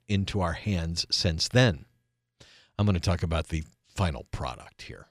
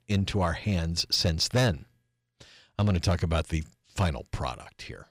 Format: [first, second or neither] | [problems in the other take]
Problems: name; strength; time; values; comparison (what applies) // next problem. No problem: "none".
first | distortion; slight; 3% of the sound clipped